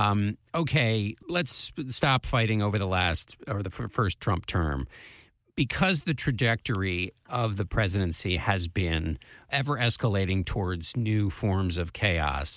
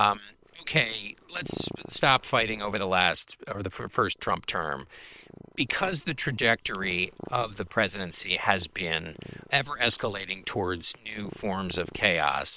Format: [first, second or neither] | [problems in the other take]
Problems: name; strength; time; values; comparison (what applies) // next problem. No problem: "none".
first | noise reduction (neural separator model SepFormer WHAM!)